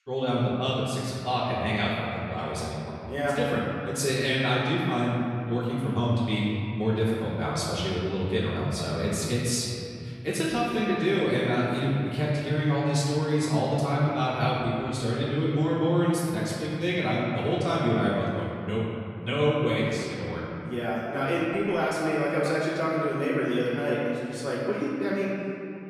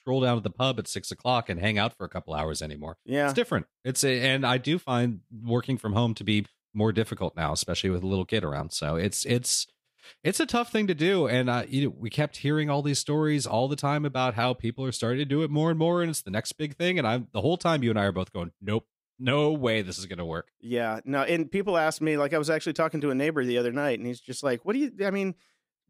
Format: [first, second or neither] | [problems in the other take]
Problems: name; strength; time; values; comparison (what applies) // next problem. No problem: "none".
second | room echo; strong; dies away in 2.7 s // off-mic speech; far